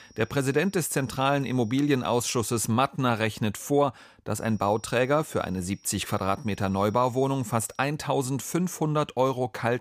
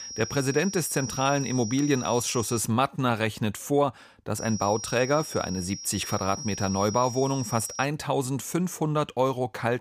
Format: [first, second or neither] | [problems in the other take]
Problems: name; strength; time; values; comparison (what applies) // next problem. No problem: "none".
first | high-pitched whine; loud; until 2.5 s and from 4.5 to 8 s; 5.5 kHz, 9 dB below the speech; faint in the first